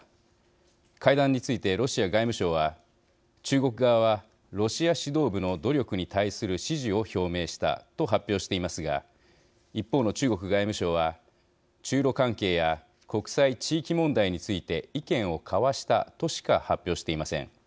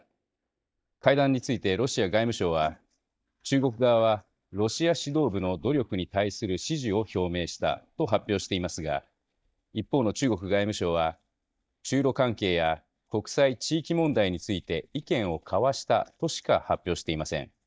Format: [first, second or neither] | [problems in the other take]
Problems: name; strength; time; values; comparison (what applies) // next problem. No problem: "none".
first | noise reduction (neural mask model DeepFilterNet 3)